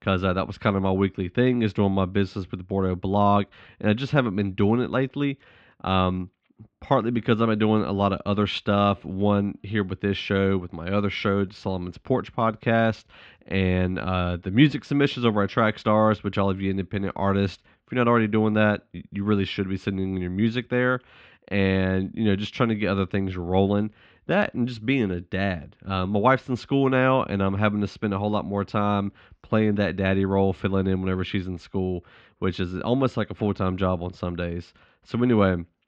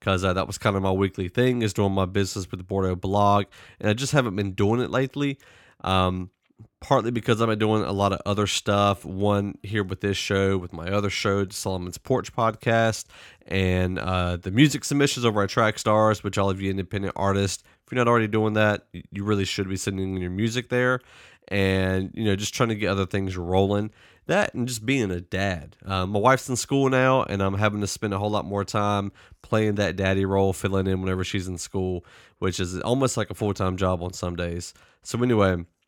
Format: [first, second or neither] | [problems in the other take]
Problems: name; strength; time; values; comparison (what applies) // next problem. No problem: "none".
second | muffled; slightly; fading above 3.5 kHz